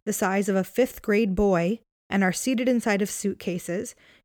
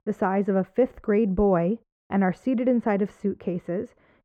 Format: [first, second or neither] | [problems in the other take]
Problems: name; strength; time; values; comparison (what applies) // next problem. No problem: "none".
first | muffled; very; fading above 3 kHz